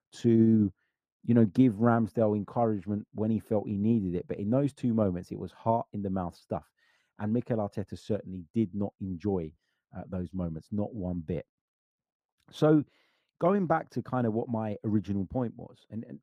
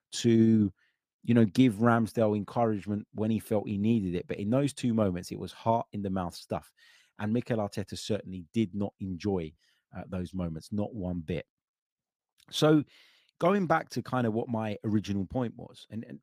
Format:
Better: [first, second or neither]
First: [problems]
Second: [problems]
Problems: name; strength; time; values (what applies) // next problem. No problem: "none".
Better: second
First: muffled; slightly; fading above 1.5 kHz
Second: none